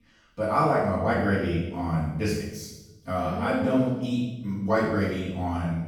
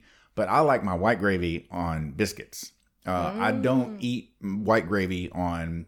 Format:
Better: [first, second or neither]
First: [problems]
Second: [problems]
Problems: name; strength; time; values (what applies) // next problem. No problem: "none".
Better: second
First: room echo; strong; dies away in 1 s // off-mic speech; far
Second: none